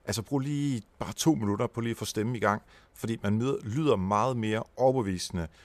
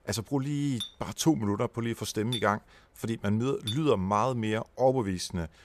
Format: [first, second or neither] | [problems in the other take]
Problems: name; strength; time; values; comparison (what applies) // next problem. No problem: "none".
first | clattering dishes; noticeable; from 1 to 4 s; peak 8 dB below the speech